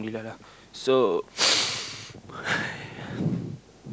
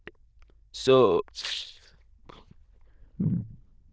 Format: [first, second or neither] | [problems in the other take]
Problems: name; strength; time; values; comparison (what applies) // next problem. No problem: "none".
first | noise reduction (neural diffusion model UNIVERSE++)